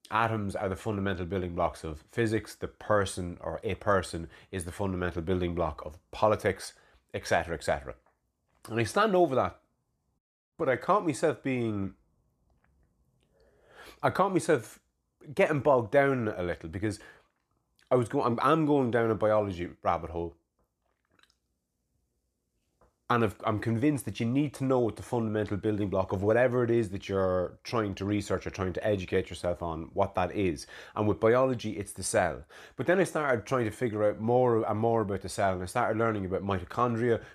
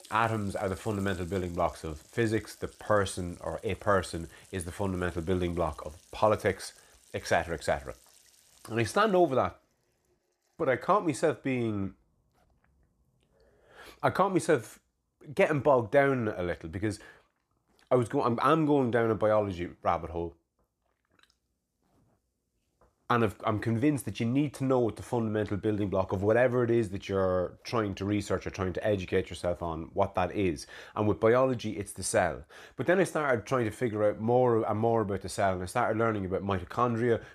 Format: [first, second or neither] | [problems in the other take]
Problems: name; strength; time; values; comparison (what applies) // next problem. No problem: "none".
first | household noises; faint; throughout; 30 dB below the speech